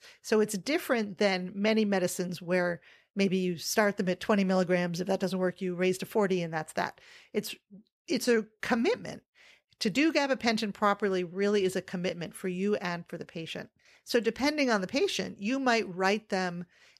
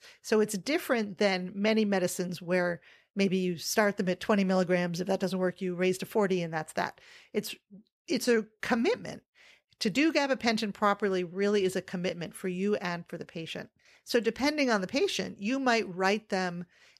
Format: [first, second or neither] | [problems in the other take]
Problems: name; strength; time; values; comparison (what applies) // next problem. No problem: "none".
neither | none